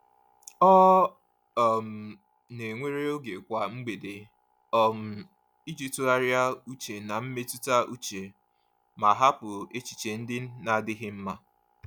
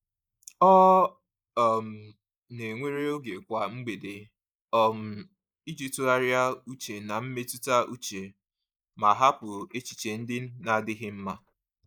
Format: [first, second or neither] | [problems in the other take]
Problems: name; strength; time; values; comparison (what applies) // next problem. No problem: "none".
first | noise reduction (neural mask model Resemble Enhance denoiser)